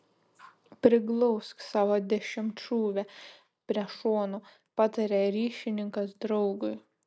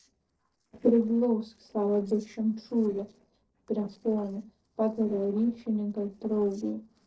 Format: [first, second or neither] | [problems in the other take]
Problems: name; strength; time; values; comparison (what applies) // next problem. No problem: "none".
first | noise reduction (neural separator model SepFormer DNS4)